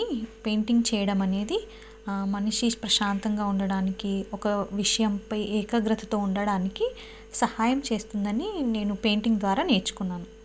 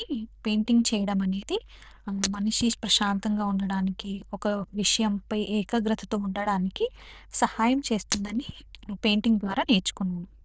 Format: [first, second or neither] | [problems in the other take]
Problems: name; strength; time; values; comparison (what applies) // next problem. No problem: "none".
first | noise reduction (neural diffusion model UNIVERSE++)